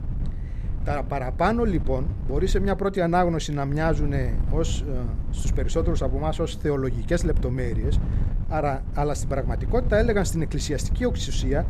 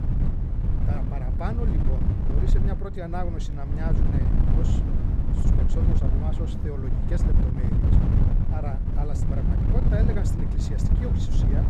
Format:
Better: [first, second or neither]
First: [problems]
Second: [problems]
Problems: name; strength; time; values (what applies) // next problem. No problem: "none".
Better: first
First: wind noise on the microphone; occasional gusts; 15 dB below the speech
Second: wind noise on the microphone; heavy; 2 dB above the speech